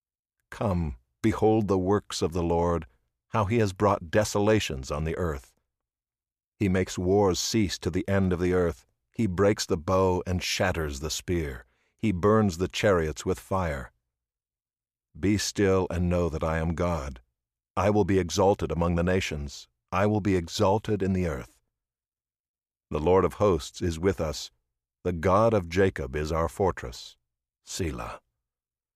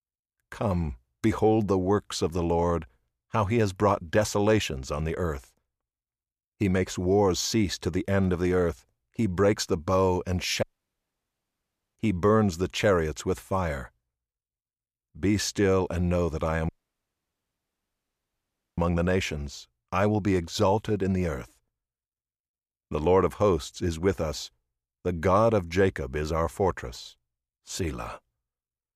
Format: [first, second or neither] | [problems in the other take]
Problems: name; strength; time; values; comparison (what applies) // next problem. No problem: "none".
first | audio cutting out; at 11 s for 1.5 s and at 17 s for 2 s